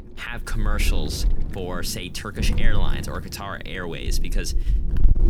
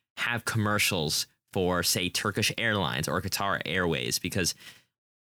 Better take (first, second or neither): second